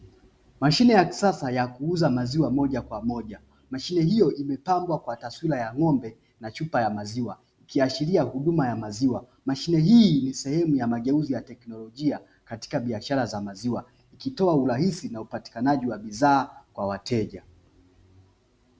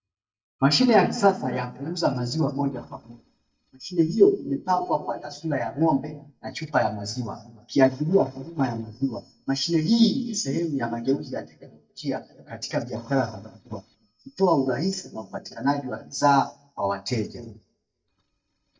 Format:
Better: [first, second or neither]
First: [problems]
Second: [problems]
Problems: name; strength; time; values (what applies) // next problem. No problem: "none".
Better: first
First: none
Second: noise reduction (neural mask model DeepFilterNet 3)